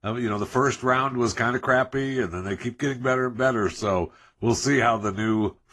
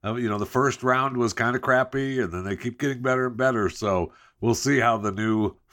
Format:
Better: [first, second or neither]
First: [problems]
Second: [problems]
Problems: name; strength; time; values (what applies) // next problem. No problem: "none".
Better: second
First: garbled, watery; slightly; nothing above 12 kHz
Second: none